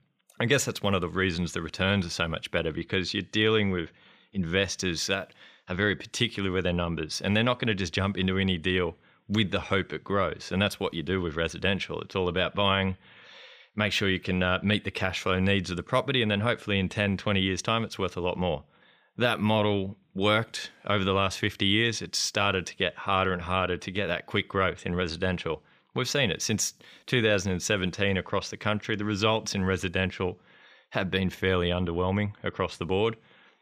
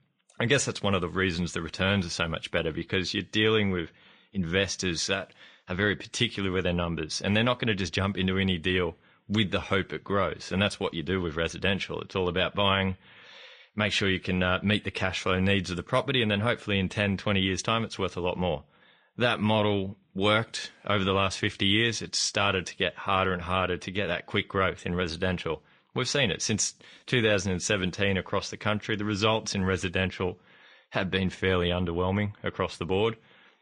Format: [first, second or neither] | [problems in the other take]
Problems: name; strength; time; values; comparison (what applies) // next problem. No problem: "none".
first | garbled, watery; slightly; nothing above 9 kHz